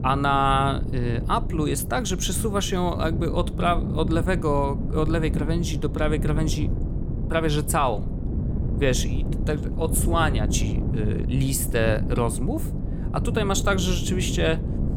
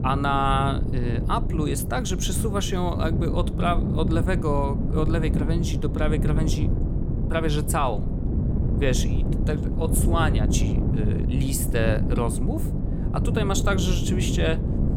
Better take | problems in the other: first | wind noise on the microphone; heavy; 7 dB below the speech; occasional gusts in the first

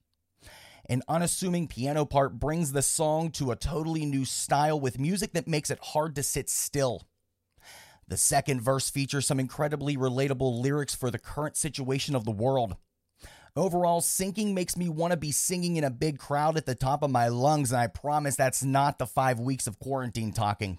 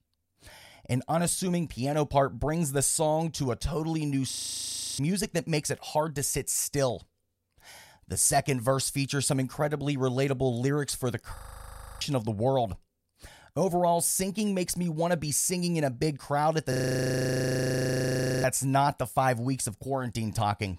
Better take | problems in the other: first | audio freezing; at 4.5 s for 0.5 s, at 11 s for 0.5 s and at 17 s for 1.5 s

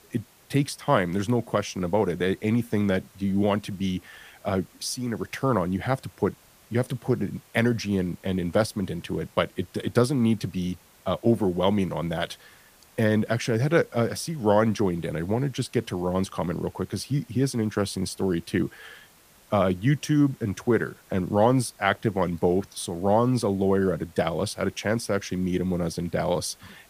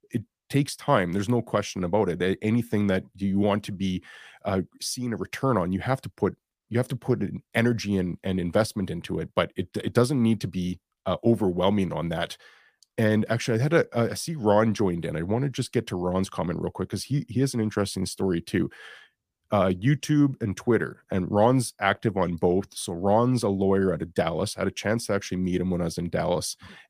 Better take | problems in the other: second | hiss; faint; throughout; 30 dB below the speech

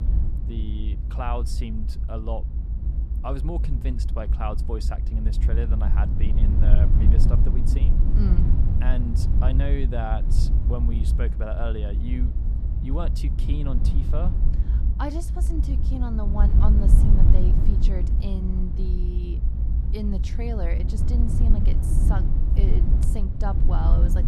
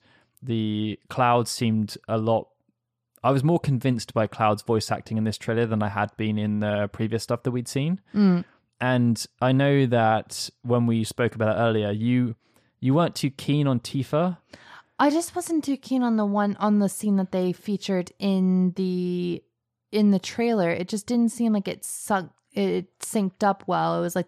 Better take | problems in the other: second | low rumble; loud; throughout; 4 dB below the speech

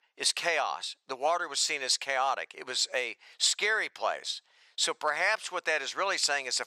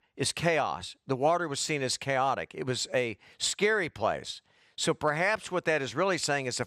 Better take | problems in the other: second | thin; very; fading below 700 Hz

